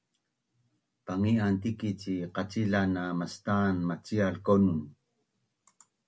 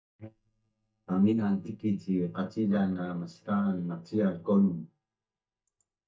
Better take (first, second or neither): first